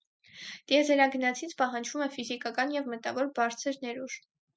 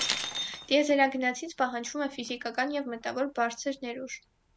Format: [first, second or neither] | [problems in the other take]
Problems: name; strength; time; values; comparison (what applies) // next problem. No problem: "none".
first | background sound (Shatter); 10 dB below the speech